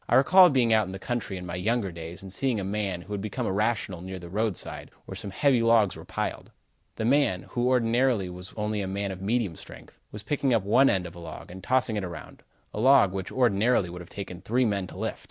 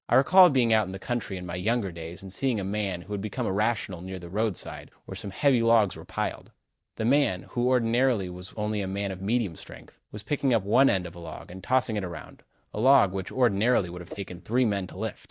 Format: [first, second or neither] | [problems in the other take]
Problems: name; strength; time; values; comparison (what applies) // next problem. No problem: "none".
first | noise reduction (neural mask model DeepFilterNet 3)